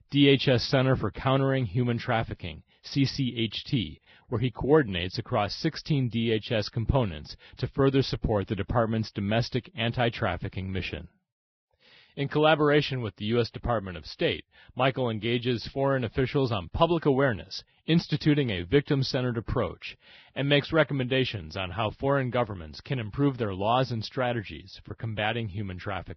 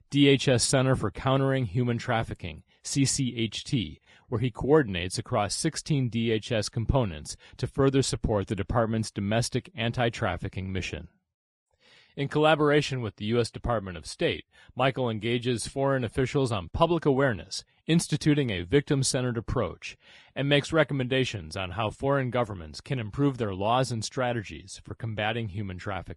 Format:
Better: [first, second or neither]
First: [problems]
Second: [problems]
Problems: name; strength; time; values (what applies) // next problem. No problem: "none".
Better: second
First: garbled, watery; badly; nothing above 5.5 kHz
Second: garbled, watery; slightly; nothing above 10.5 kHz